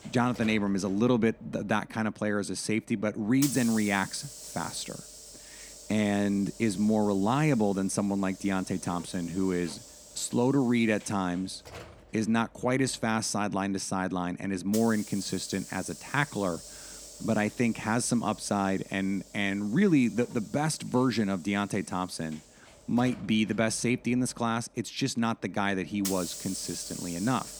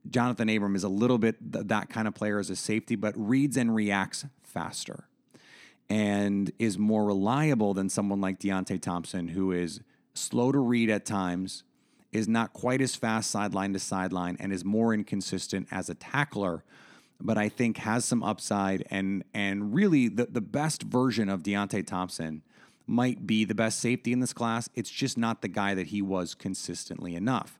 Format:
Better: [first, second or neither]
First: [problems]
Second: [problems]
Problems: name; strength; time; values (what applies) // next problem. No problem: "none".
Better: second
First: hiss; noticeable; throughout; 15 dB below the speech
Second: none